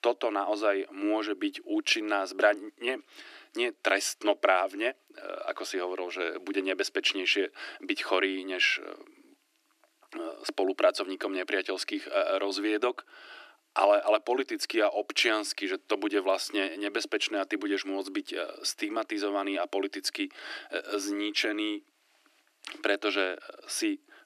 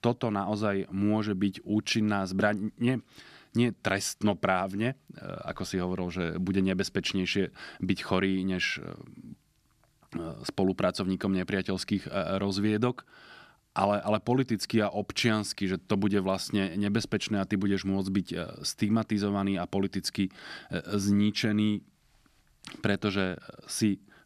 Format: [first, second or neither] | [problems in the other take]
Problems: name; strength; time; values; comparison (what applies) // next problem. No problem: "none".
second | thin; very; fading below 300 Hz